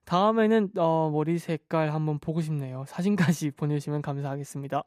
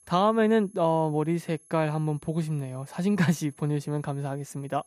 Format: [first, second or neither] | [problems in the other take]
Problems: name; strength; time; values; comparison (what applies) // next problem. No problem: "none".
first | high-pitched whine; faint; throughout; 11 kHz, 30 dB below the speech